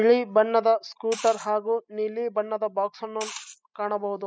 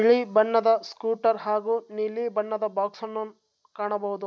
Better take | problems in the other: second | noise reduction (classical method spectral subtraction)

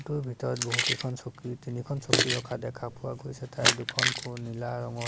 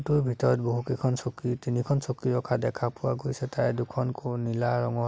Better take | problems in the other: second | background sound (Keys jangling); 2 dB above the speech

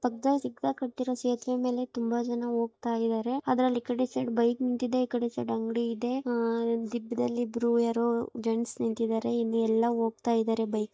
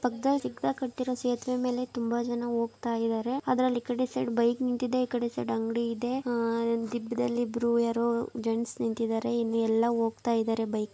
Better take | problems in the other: second | noise reduction (neural mask model DeepFilterNet 3)

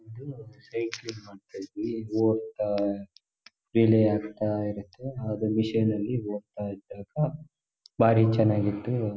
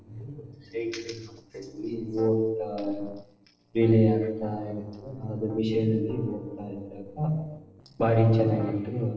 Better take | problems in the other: first | noise reduction (neural separator model SepFormer DNS4)

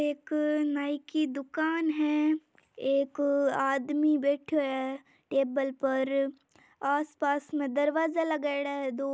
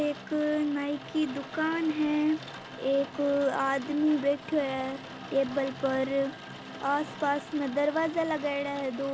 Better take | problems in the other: first | background sound (Rain); 13 dB below the speech

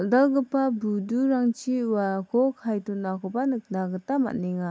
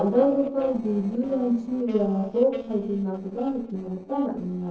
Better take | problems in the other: first | noise reduction (neural separator model SepFormer DNS4)

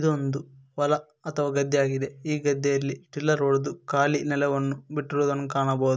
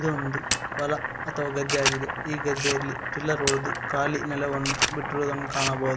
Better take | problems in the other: first | background sound (Camera + Boiling); 1 dB below the speech

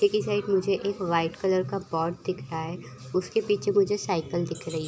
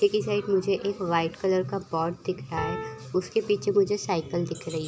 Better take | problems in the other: first | background sound (Piano); 6 dB below the speech

